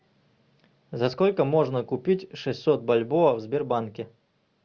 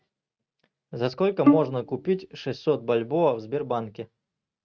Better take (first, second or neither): first